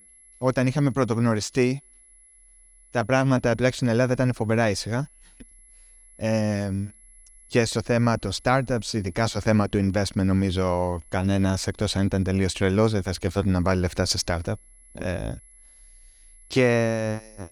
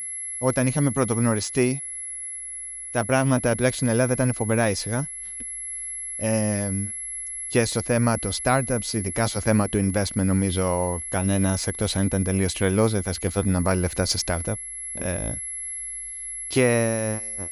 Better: first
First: high-pitched whine; faint; throughout; 11 kHz, 30 dB below the speech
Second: high-pitched whine; loud; throughout; 11 kHz, 7 dB below the speech

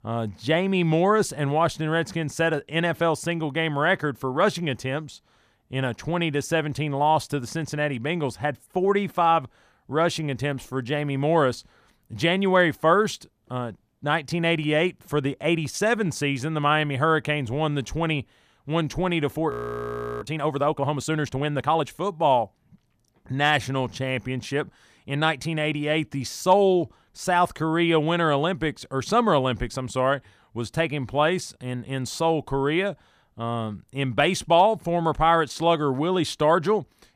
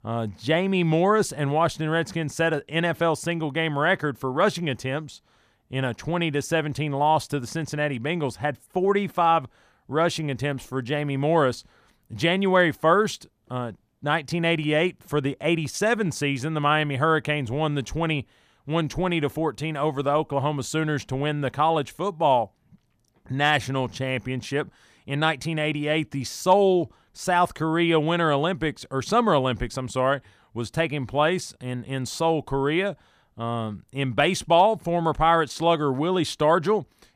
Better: second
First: audio freezing; at 20 s for 0.5 s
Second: none

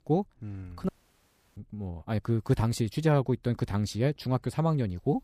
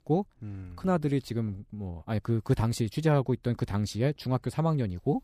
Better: second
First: audio cutting out; at 1 s for 0.5 s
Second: none

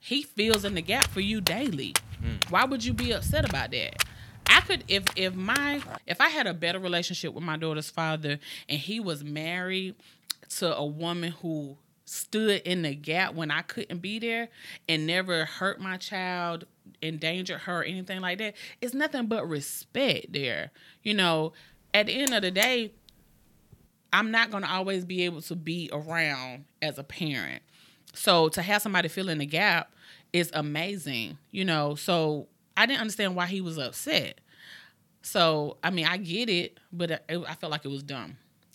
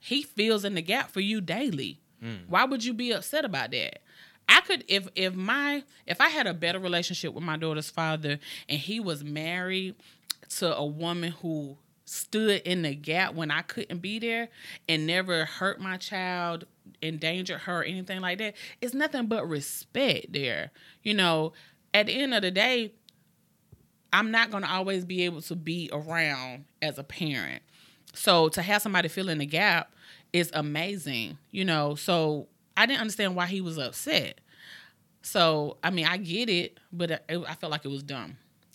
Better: second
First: footsteps; loud; from 0.5 to 6 s; peak 2 dB above the speech // alarm; noticeable; at 22 s; peak 3 dB below the speech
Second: none

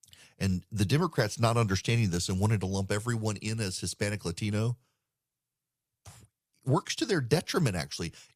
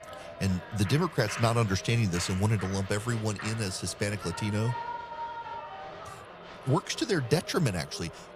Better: first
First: none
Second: crowd noise; noticeable; throughout; 10 dB below the speech

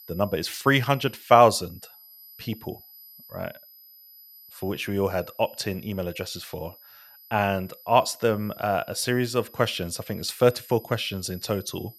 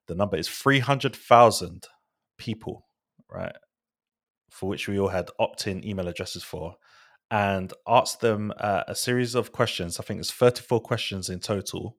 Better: second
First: high-pitched whine; faint; throughout; 12 kHz, 20 dB below the speech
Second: none

